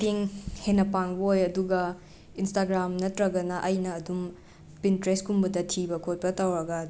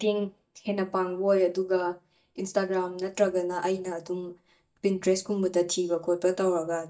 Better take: first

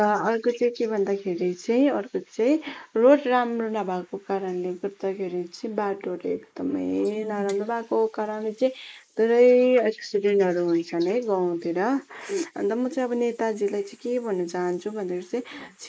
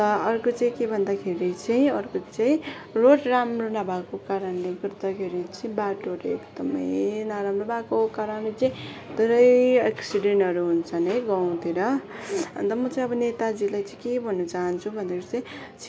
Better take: second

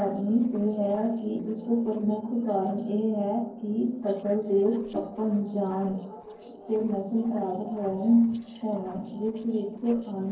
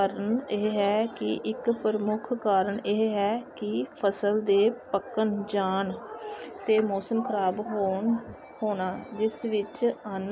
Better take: second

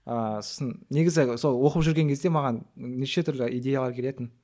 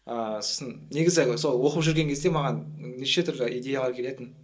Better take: first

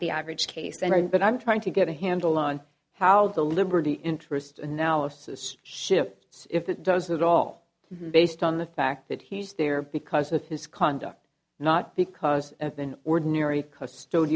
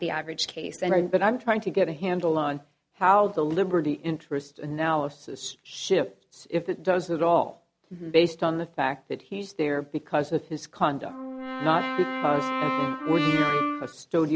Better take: first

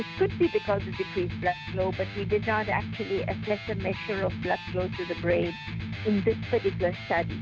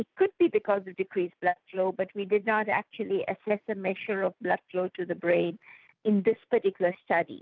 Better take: second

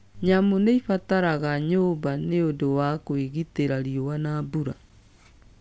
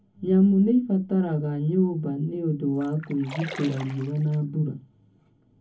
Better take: first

